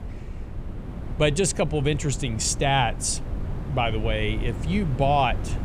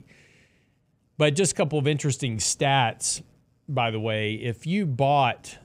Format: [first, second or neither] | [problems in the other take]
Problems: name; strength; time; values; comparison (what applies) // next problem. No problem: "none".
second | wind noise on the microphone; occasional gusts; 15 dB below the speech